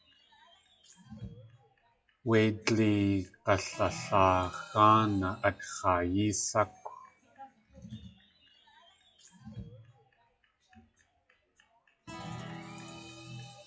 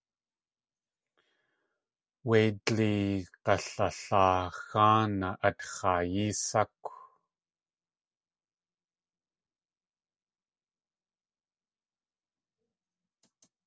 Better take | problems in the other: second | noise reduction (classical method WPE with log-MMSE)

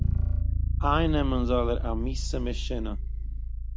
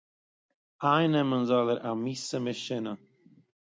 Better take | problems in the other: second | background sound (Bass guitar); 4 dB above the speech

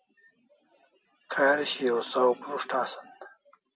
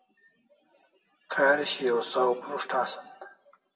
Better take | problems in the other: first | room echo; dies away in 0.6 s

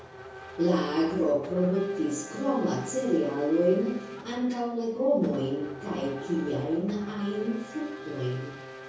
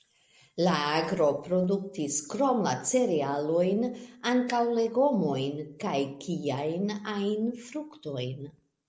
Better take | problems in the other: second | background sound (Race car, auto racing / Accelerating, revving, vroom); 15 dB below the speech // room echo; dies away in 0.6 s

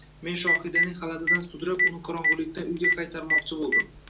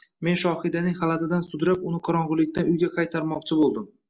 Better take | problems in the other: second | background sound (Telephone); 5 dB above the speech // room echo; dies away in 0.2 s

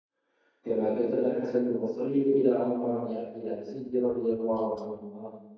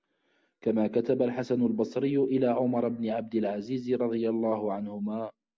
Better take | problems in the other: second | noise reduction (neural mask model DeepFilterNet 3)

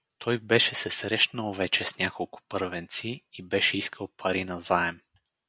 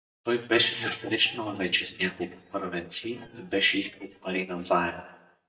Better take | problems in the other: first | noise reduction (neural mask model DeepFilterNet 3)

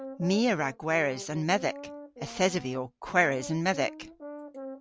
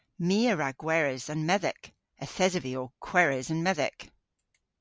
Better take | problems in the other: second | background sound (Brass instrument); 14 dB below the speech

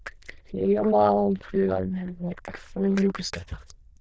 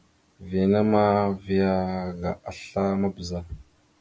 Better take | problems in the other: second | noise reduction (neural diffusion model UNIVERSE++)

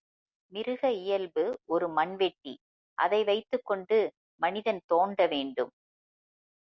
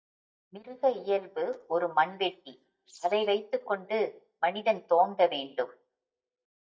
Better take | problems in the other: first | noise reduction (neural mask model DeepFilterNet 3)

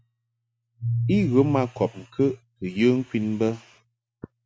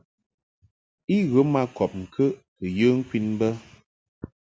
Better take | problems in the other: second | noise reduction (neural mask model RNNoise)

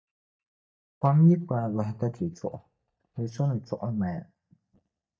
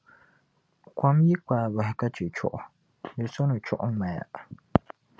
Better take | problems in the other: second | noise reduction (neural mask model DeepFilterNet 3)

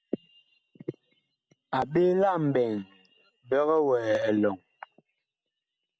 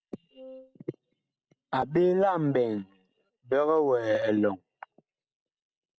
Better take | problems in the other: first | noise reduction (neural separator model SepFormer DNS4)

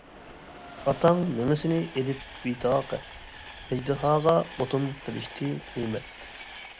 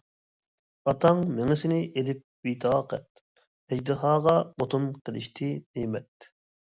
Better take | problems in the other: second | background sound (Train); 16 dB below the speech

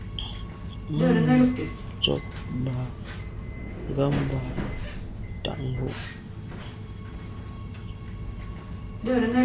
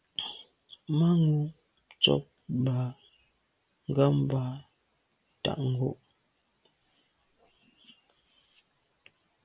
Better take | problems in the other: second | background sound (Subway, metro, underground); 3 dB above the speech

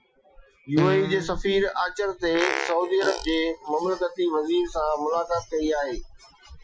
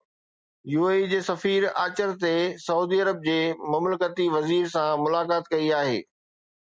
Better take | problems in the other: second | noise reduction (classical method Wiener filter)

